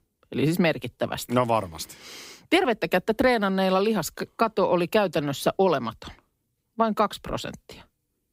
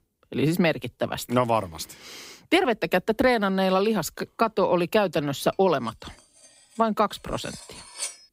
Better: first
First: none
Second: clattering dishes; noticeable; at 7.5 s; peak 8 dB below the speech

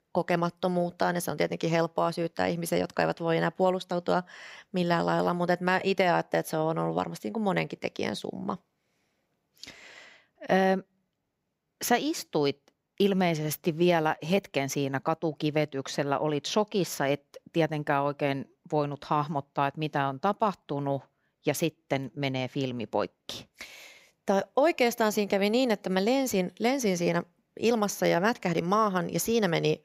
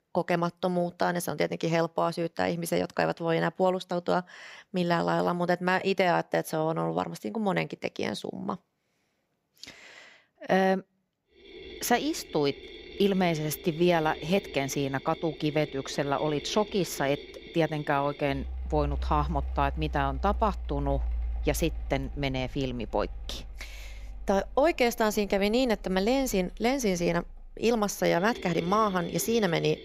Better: first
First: none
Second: machinery noise; noticeable; from 12 s on; 10 dB below the speech

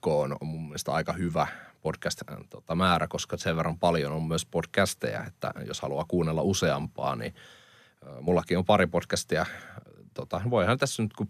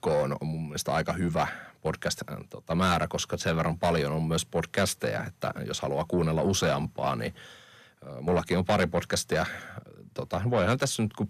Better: first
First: none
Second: distortion; slight; 10 dB below the speech

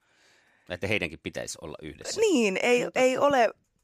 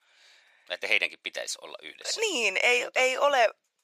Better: first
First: none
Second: thin; very; fading below 700 Hz

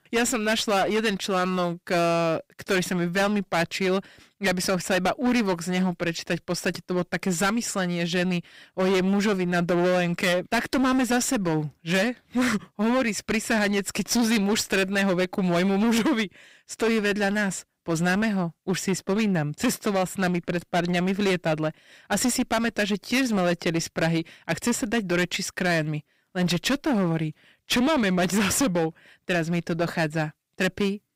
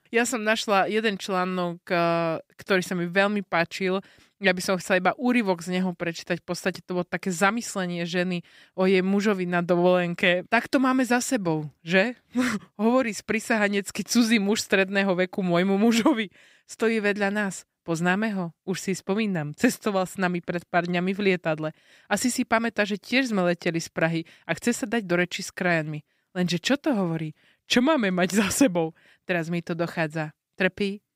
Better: second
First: distortion; heavy; 19% of the sound clipped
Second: none

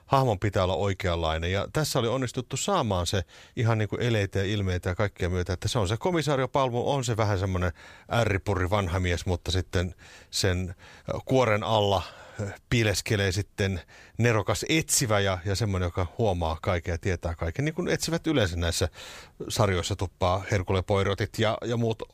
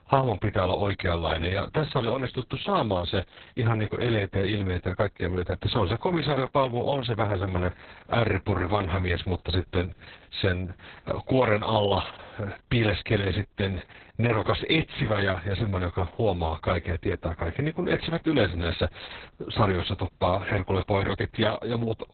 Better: first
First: none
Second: garbled, watery; badly; nothing above 4 kHz

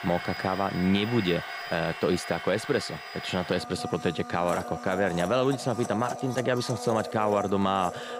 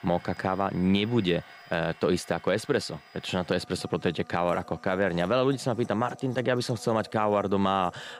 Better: second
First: household noises; loud; throughout; 9 dB below the speech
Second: household noises; faint; throughout; 20 dB below the speech

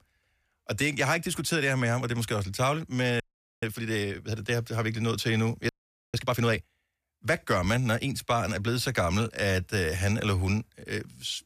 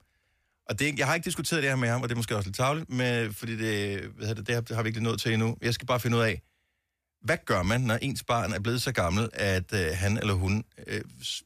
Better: second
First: audio freezing; at 3 s and at 5.5 s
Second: none

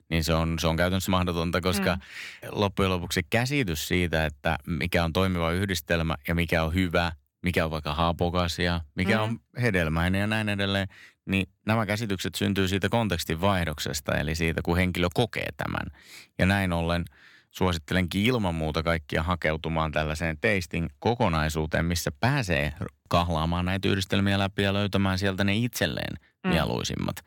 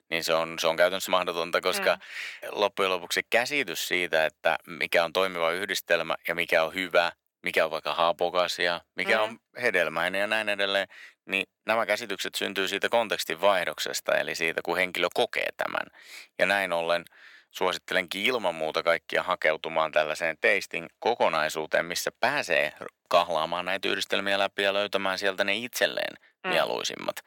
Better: first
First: none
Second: thin; very; fading below 500 Hz

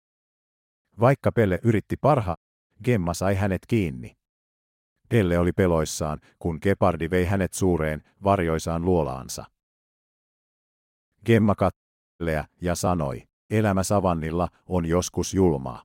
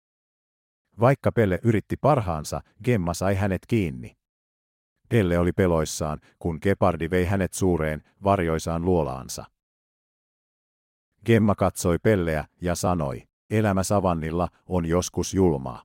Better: second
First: audio cutting out; at 2.5 s and at 12 s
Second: none

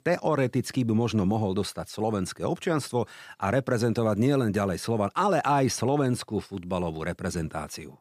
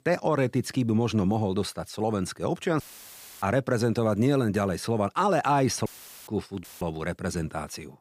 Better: first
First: none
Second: audio cutting out; filled with static; at 3 s for 0.5 s, at 6 s and at 6.5 s

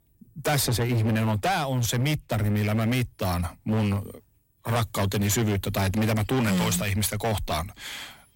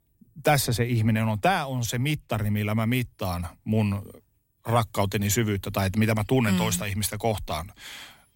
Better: second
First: distortion; heavy; 21% of the sound clipped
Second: none

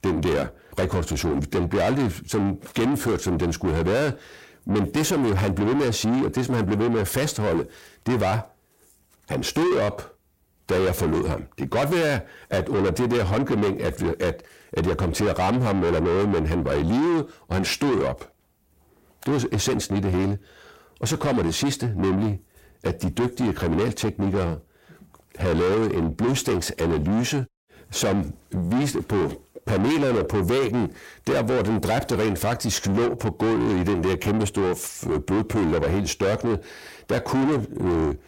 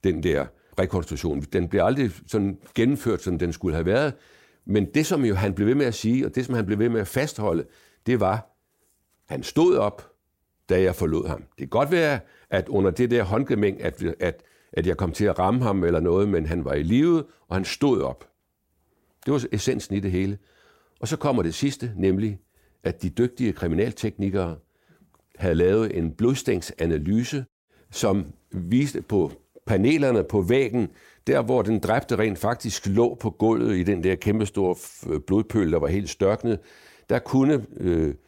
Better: second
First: distortion; heavy; 7 dB below the speech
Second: none

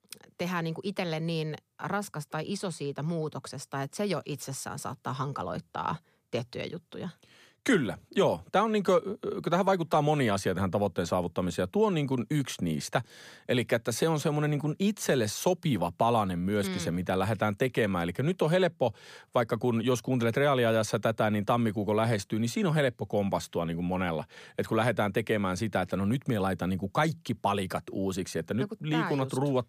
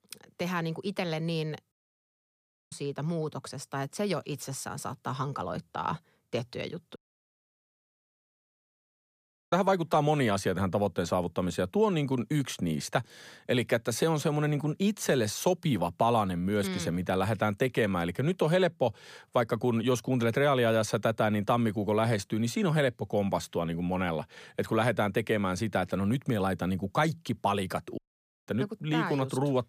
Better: first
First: none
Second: audio cutting out; at 1.5 s for 1 s, at 7 s for 2.5 s and at 28 s

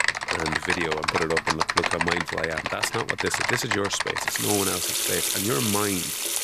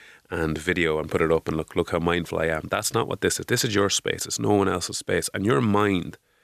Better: second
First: household noises; very loud; throughout; 3 dB above the speech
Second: none

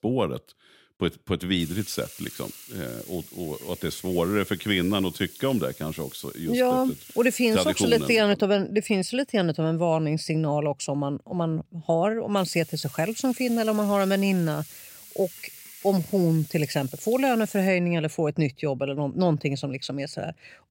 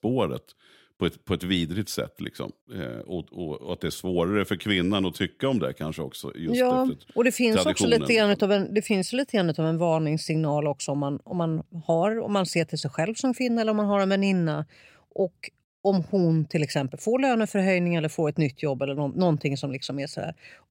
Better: second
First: hiss; noticeable; from 1.5 to 8 s and from 12 to 18 s; 15 dB below the speech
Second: none

